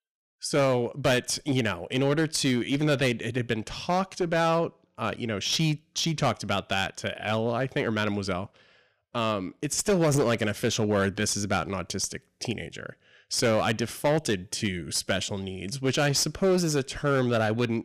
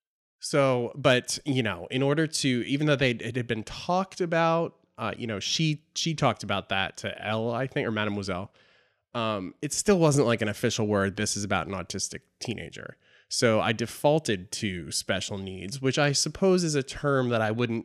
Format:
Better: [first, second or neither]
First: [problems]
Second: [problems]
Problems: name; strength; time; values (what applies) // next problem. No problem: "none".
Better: second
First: distortion; slight; 8% of the sound clipped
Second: none